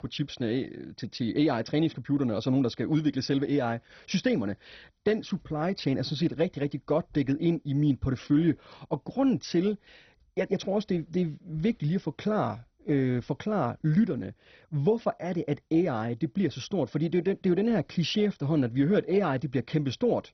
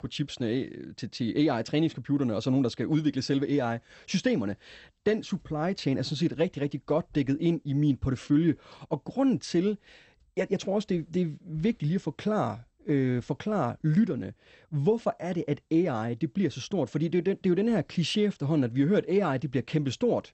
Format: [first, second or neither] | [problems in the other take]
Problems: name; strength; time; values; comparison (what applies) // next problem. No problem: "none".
second | garbled, watery; badly; nothing above 6 kHz; slightly in the second